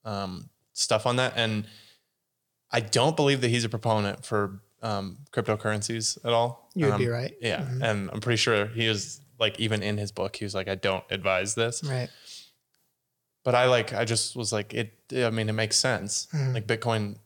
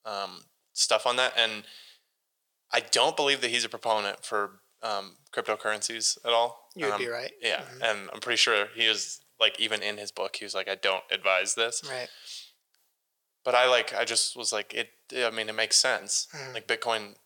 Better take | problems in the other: first | thin; very; fading below 550 Hz

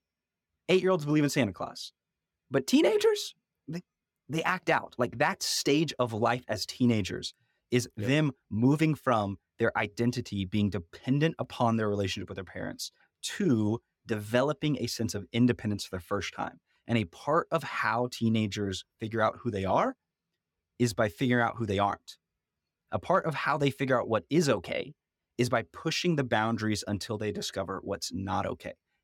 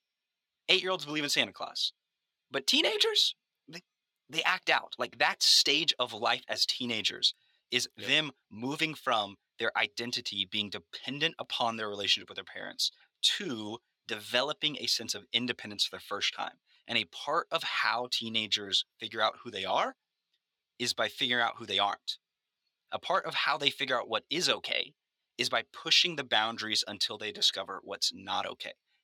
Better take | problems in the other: first | thin; somewhat; fading below 900 Hz

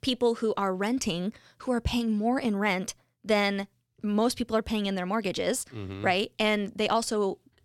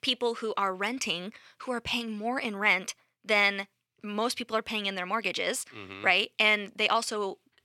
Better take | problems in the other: first | thin; very slightly; fading below 800 Hz

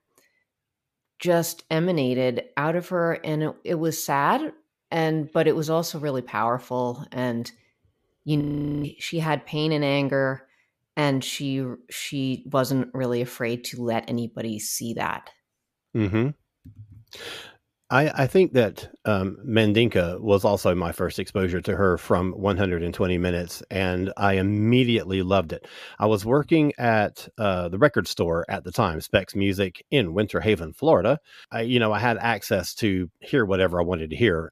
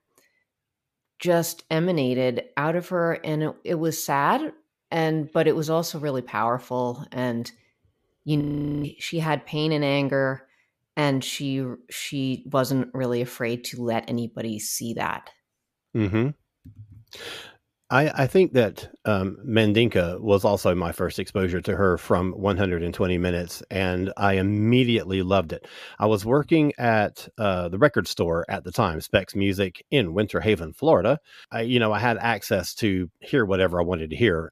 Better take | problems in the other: neither | audio freezing; at 8.5 s; the same in both

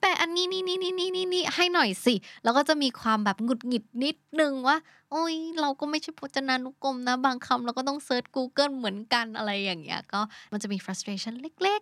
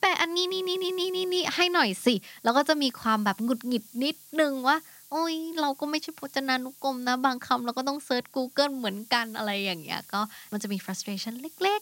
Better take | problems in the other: first | hiss; faint; throughout; 20 dB below the speech

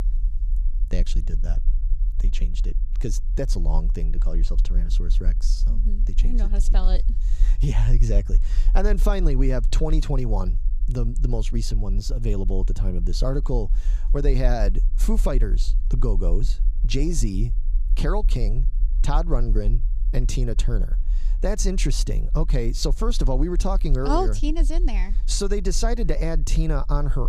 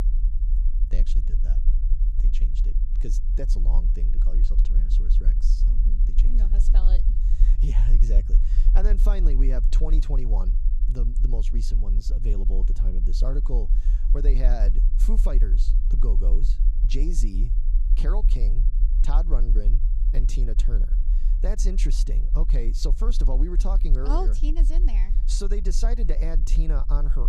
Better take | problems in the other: first | low rumble; loud; throughout; 10 dB below the speech; faint in the first

